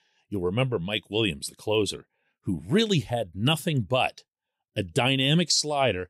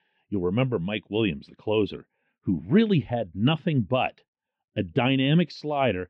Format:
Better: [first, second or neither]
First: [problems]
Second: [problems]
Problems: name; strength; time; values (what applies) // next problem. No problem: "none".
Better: first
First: none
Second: muffled; very; fading above 3 kHz